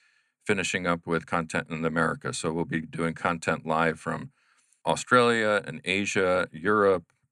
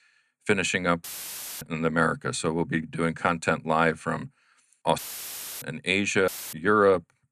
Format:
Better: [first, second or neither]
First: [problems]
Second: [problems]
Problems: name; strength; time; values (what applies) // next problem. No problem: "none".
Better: first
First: none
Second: audio cutting out; filled with static; at 1 s for 0.5 s, at 5 s for 0.5 s and at 6.5 s